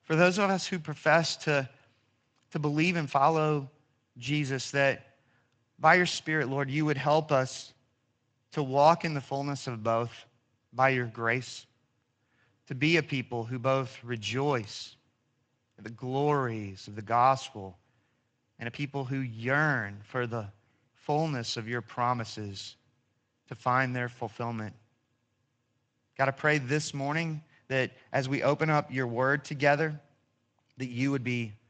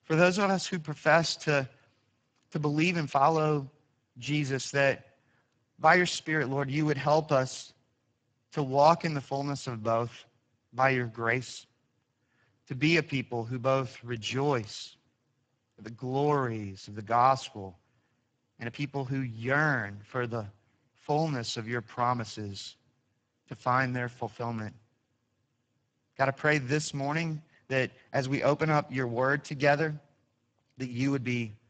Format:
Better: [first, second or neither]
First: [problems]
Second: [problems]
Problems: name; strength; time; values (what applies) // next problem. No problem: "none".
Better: first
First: garbled, watery; slightly; nothing above 8 kHz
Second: garbled, watery; badly; nothing above 7.5 kHz